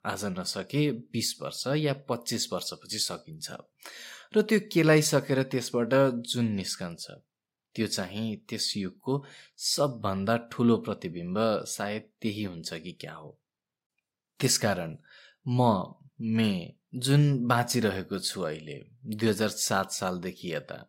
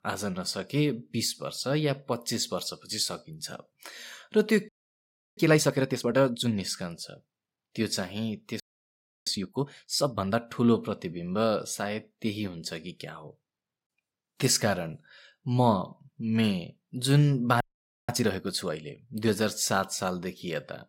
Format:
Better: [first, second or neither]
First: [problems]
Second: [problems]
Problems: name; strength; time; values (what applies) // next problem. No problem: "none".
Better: first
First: none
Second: audio freezing; at 4.5 s for 0.5 s, at 8.5 s for 0.5 s and at 18 s